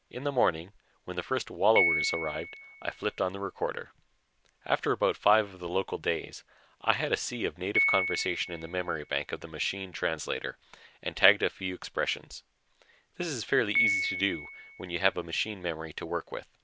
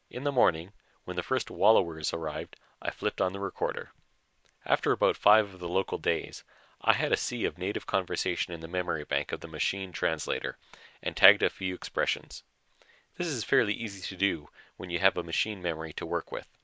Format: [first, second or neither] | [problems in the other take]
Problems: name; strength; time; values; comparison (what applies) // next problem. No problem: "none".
second | background sound (Piano); 6 dB below the speech